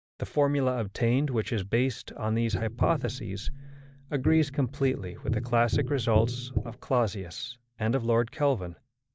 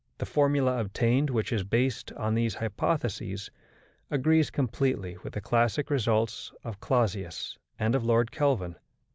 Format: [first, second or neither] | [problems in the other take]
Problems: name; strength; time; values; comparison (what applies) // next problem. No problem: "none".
second | noise reduction (neural mask model DeepFilterNet 3)